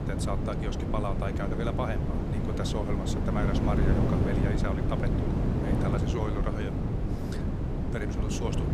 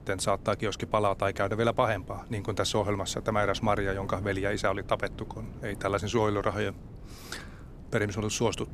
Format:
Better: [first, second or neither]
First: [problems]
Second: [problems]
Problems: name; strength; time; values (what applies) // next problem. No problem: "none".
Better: second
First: wind noise on the microphone; heavy; as loud as the speech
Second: wind noise on the microphone; occasional gusts; 25 dB below the speech